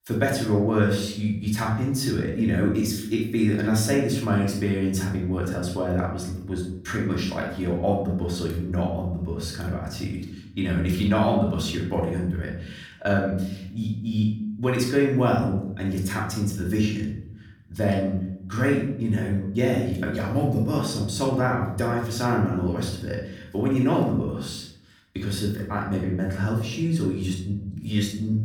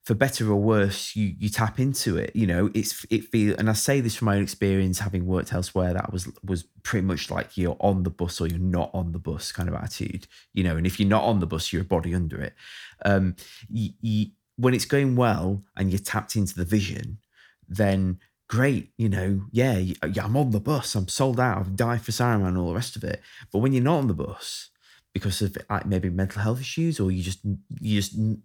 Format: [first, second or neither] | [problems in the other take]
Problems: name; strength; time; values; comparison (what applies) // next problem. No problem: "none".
second | off-mic speech; far // room echo; noticeable; dies away in 0.7 s